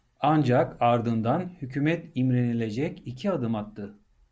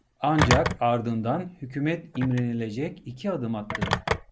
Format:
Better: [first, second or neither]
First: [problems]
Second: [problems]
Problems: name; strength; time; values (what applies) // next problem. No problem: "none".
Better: first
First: none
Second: background sound (Telephone); 4 dB below the speech